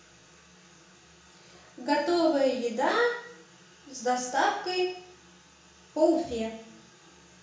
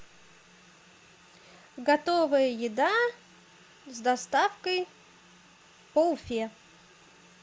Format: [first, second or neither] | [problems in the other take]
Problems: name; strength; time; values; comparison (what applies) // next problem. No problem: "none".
second | room echo; dies away in 0.5 s